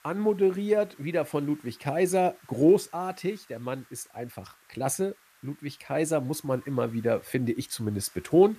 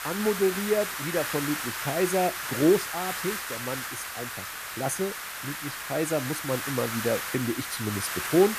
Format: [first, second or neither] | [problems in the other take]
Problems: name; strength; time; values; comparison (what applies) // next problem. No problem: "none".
first | hiss; loud; throughout; 3 dB below the speech; faint in the first